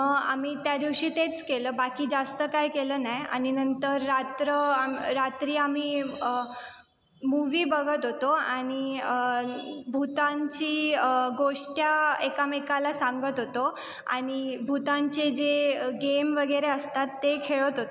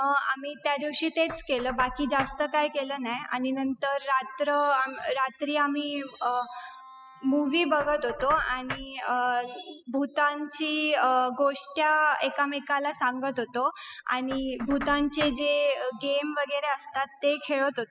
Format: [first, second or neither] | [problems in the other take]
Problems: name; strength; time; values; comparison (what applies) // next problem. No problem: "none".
first | noise reduction (classical method spectral subtraction)